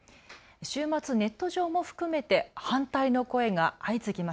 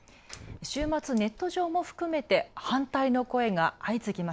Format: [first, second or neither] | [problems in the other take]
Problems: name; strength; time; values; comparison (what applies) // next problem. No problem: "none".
first | background sound (Fire); 20 dB below the speech